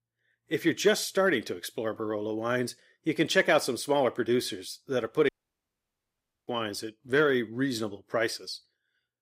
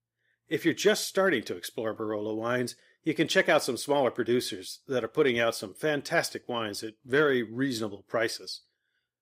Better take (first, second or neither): second